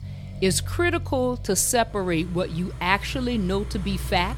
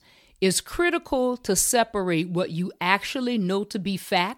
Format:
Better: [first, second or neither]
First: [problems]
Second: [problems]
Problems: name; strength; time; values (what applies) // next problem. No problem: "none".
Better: second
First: traffic noise; noticeable; throughout; 10 dB below the speech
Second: none